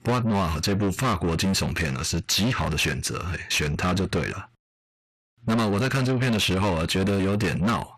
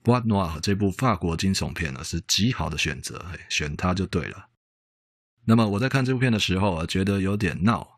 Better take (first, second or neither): second